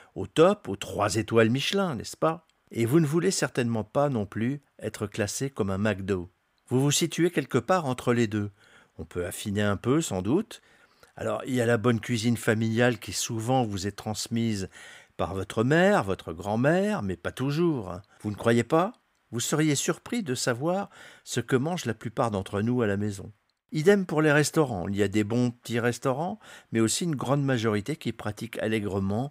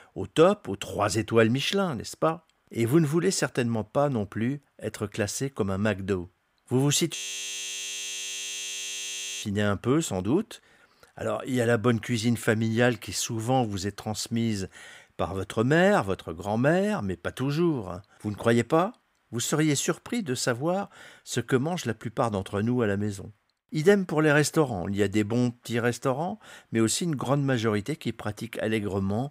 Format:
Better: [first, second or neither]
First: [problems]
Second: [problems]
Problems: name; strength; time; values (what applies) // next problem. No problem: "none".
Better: first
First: none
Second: audio freezing; at 7 s for 2.5 s